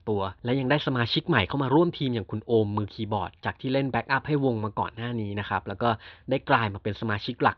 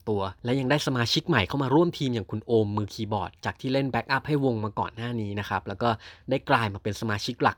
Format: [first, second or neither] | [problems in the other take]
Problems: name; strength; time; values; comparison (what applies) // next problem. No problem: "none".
second | muffled; very slightly; fading above 3.5 kHz